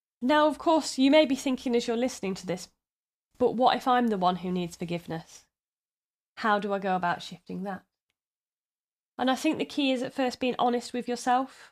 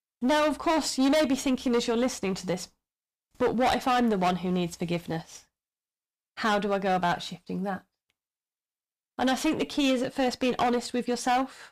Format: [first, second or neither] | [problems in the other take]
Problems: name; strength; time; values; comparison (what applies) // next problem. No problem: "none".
first | distortion; heavy; 12% of the sound clipped